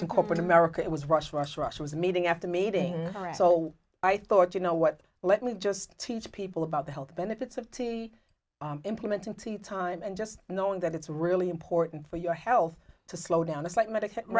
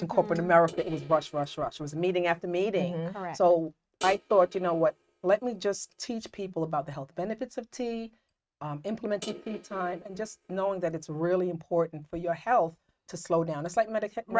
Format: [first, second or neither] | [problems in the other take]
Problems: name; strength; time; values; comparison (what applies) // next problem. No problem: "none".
first | noise reduction (neural mask model RNNoise)